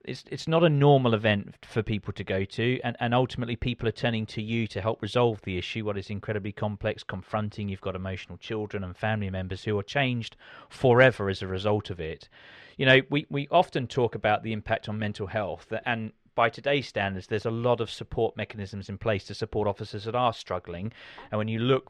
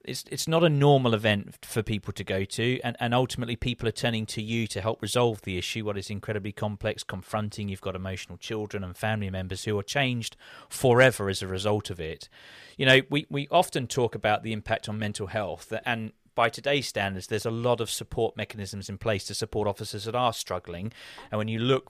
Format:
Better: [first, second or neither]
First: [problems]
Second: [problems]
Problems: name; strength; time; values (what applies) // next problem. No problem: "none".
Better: second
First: muffled; slightly; fading above 3 kHz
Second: none